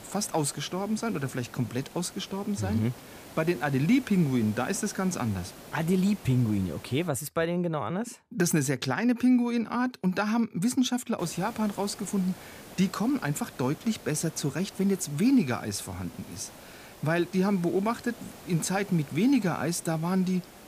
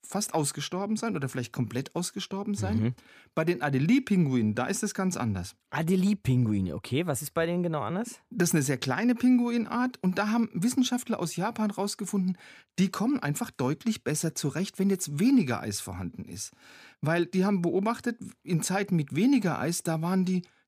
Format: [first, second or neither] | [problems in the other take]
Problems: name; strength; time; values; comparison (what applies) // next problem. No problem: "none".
second | hiss; noticeable; until 7 s and from 11 s on; 20 dB below the speech